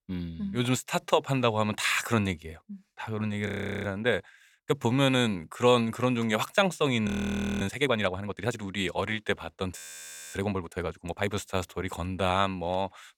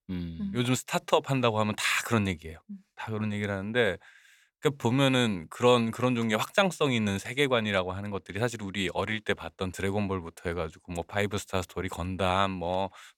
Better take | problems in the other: second | audio freezing; at 3.5 s, at 7 s for 0.5 s and at 10 s for 0.5 s

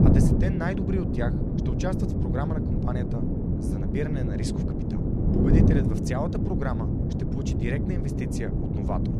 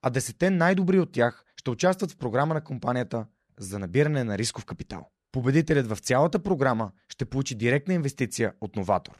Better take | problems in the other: second | wind noise on the microphone; heavy; 2 dB above the speech

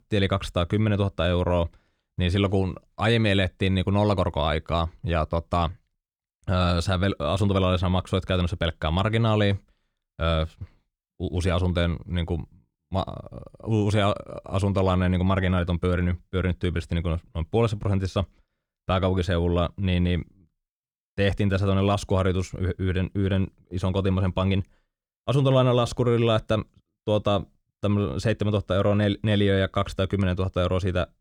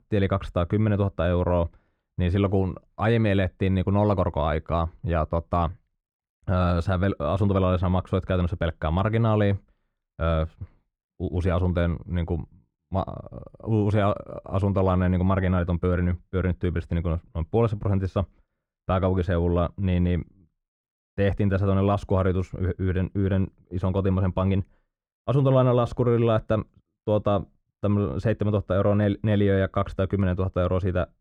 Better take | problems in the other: first | muffled; slightly; fading above 2.5 kHz

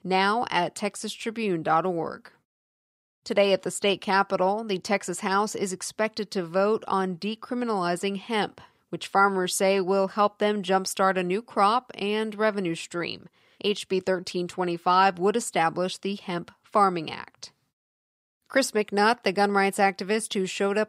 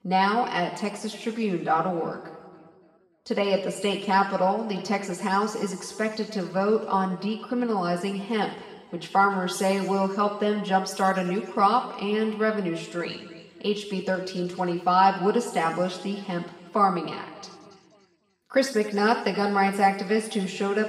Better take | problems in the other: first | room echo; noticeable; dies away in 1.7 s // off-mic speech; far

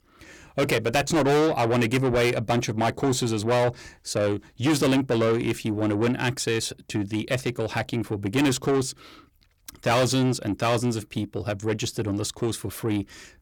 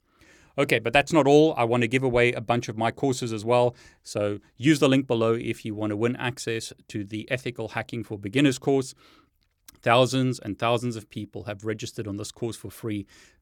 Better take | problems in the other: second | distortion; heavy; 6 dB below the speech

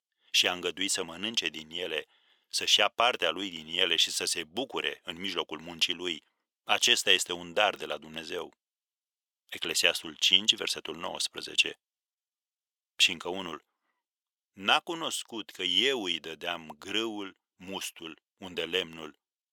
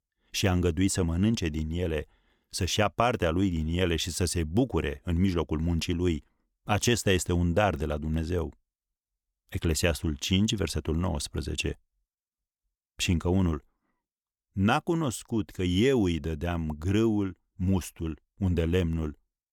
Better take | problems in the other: second | thin; very; fading below 550 Hz

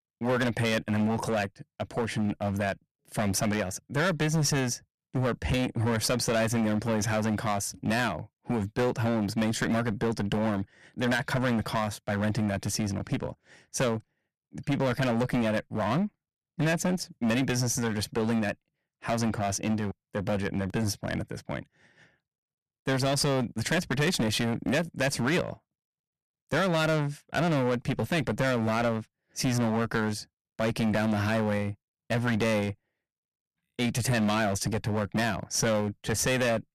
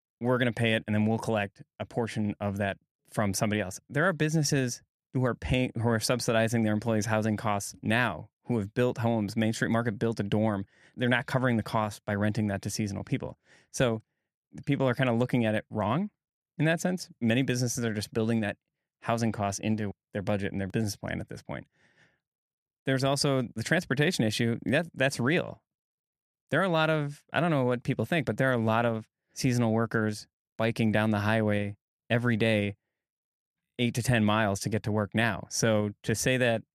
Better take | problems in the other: second | distortion; heavy; 12% of the sound clipped

